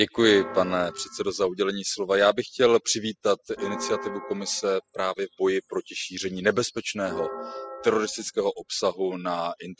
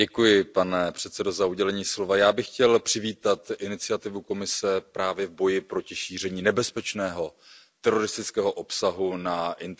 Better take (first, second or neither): second